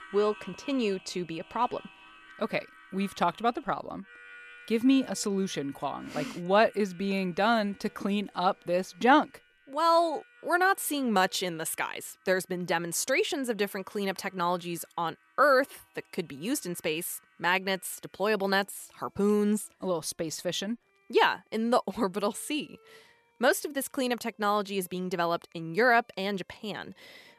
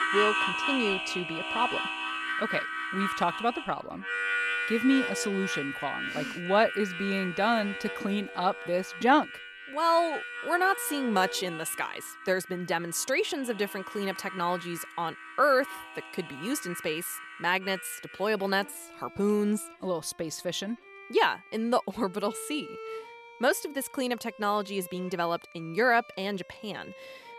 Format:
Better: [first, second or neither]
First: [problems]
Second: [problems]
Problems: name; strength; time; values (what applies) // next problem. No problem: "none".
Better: first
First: background music; faint; throughout; 25 dB below the speech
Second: background music; loud; throughout; 4 dB below the speech